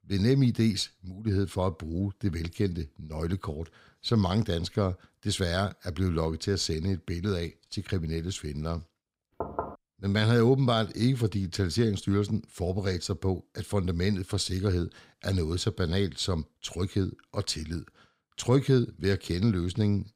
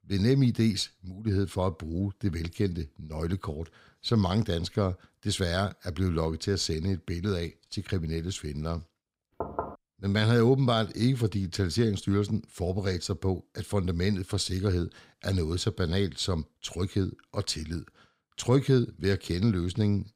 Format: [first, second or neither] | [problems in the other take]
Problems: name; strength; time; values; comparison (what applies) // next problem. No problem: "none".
neither | door banging; noticeable; at 9.5 s; peak 6 dB below the speech; the same in both